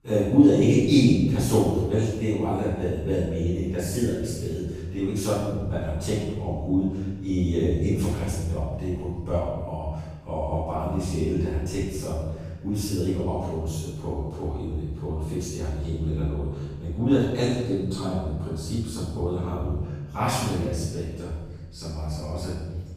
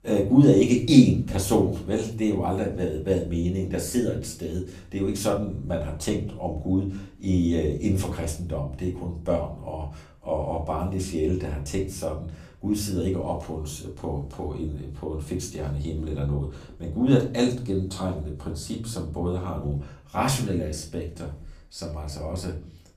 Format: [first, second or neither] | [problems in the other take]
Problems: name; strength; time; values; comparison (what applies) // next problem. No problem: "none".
second | room echo; strong; dies away in 1.2 s; slight in the second // off-mic speech; far; far in the second